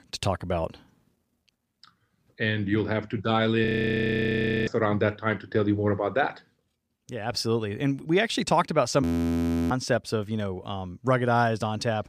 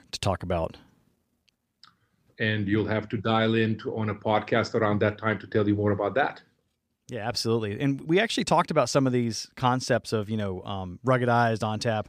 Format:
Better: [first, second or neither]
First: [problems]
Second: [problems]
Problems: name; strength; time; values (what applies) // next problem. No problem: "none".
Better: second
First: audio freezing; at 3.5 s for 1 s and at 9 s for 0.5 s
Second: none